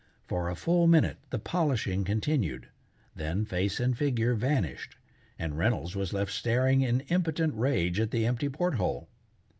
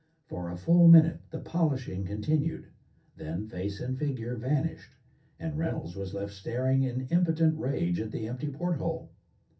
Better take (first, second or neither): first